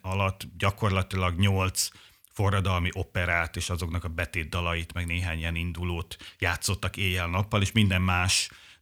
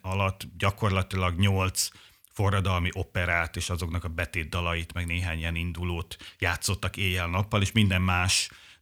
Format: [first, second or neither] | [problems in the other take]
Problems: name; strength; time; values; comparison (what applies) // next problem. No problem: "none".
neither | none